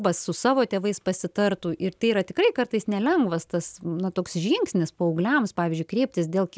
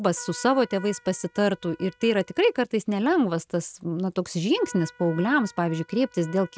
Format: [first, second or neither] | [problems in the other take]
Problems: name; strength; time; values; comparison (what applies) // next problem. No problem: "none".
first | noise reduction (neural mask model RNNoise)